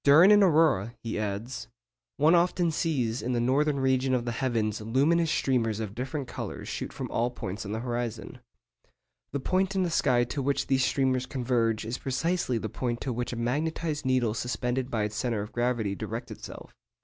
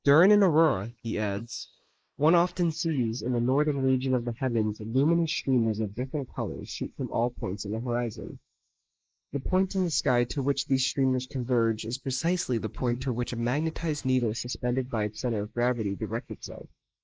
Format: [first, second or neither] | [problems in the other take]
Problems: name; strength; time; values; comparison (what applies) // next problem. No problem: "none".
first | noise reduction (neural mask model Resemble Enhance denoiser)